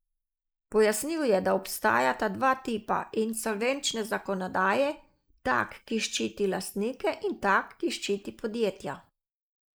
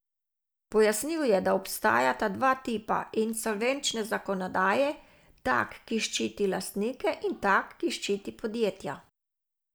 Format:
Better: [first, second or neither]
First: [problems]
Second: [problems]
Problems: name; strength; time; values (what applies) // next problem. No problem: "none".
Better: second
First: noise reduction (neural mask model Resemble Enhance denoiser)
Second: none